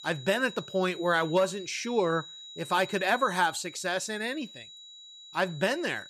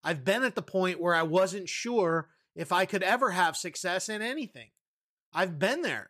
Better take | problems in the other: second | high-pitched whine; noticeable; throughout; 4 kHz, 15 dB below the speech

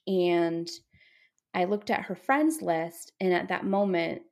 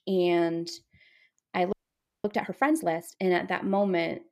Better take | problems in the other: first | audio freezing; at 1.5 s for 0.5 s

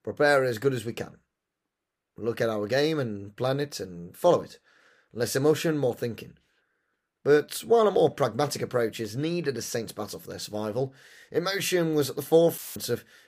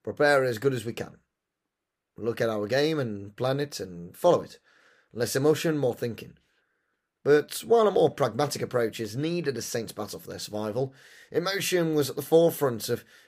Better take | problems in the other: second | audio cutting out; filled with static; at 13 s

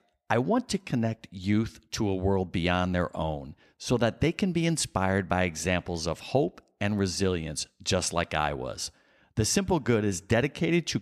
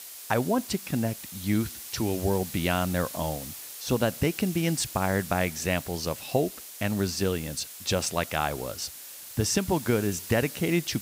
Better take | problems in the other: first | hiss; noticeable; throughout; 10 dB below the speech

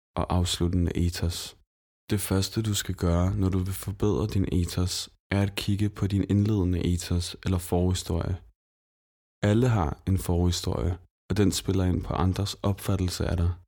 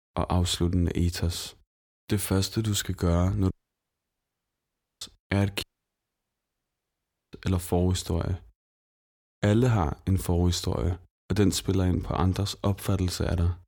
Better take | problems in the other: first | audio cutting out; at 3.5 s for 1.5 s and at 5.5 s for 1.5 s

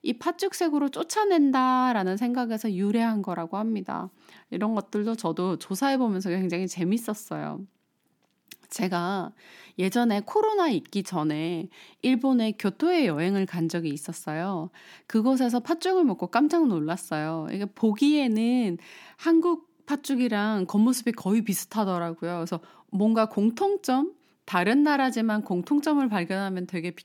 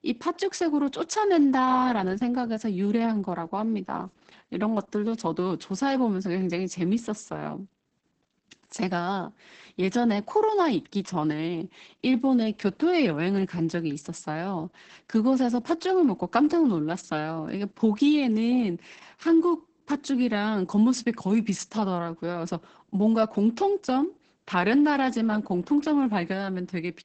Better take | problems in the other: first | garbled, watery; badly; nothing above 8 kHz

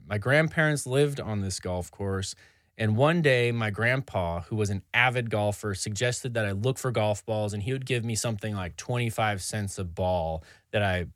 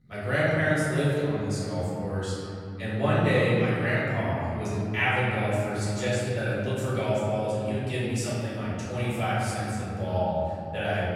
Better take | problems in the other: first | room echo; strong; dies away in 3 s // off-mic speech; far

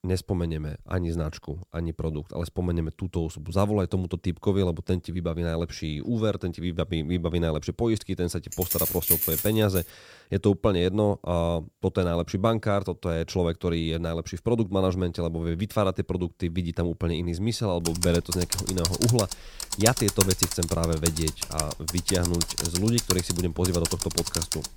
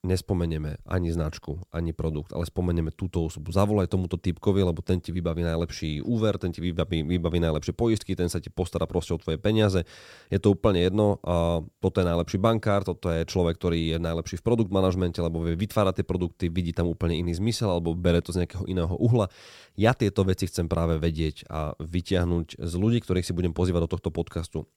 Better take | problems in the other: second | jangling keys; loud; from 8.5 to 10 s; peak 5 dB above the speech // keyboard typing; loud; from 18 s on; peak 4 dB above the speech

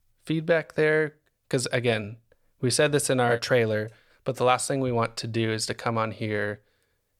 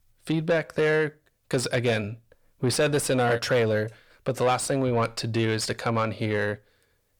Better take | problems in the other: first | distortion; slight; 10 dB below the speech

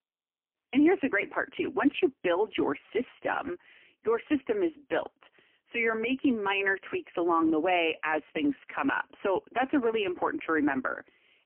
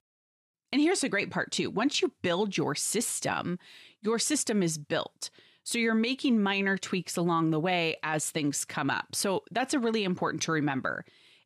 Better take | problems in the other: second | phone-call audio; poor line; nothing above 3 kHz

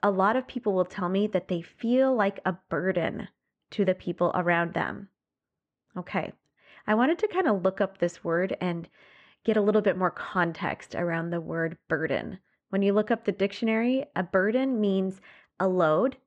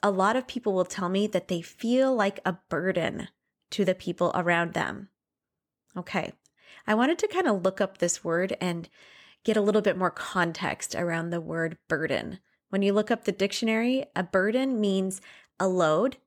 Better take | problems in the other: second | muffled; very; fading above 2.5 kHz

